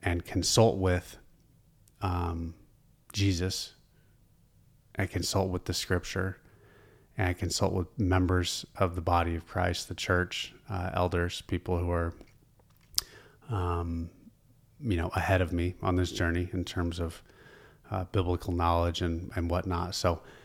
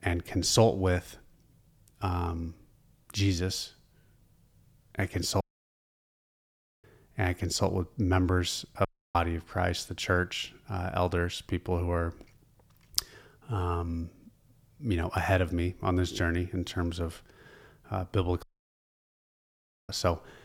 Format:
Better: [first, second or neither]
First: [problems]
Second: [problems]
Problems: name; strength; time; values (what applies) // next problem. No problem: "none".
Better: first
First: none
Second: audio cutting out; at 5.5 s for 1.5 s, at 9 s and at 18 s for 1.5 s